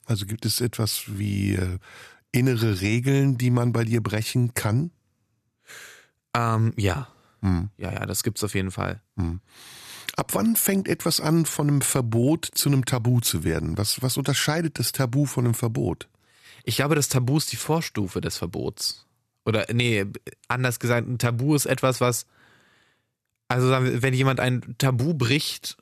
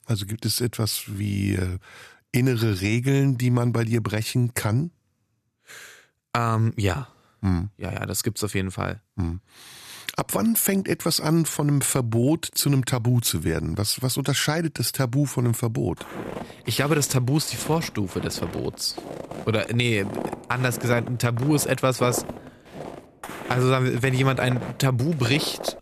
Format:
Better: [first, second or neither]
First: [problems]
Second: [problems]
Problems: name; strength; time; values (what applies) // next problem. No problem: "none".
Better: first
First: none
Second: footsteps; noticeable; from 16 s on; peak 8 dB below the speech